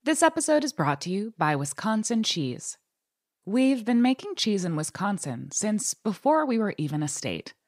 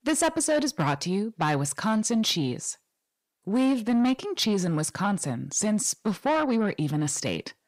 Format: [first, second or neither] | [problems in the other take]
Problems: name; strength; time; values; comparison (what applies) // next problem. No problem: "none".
first | distortion; slight; 10 dB below the speech